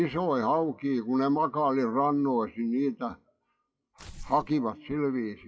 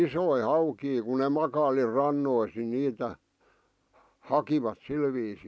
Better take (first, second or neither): second